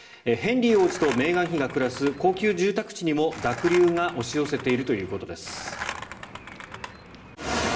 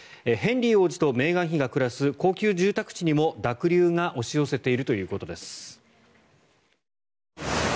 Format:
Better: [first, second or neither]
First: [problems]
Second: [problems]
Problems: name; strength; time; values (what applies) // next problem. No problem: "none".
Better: second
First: background sound (Skateboard); 12 dB below the speech // room echo; dies away in 0.6 s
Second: none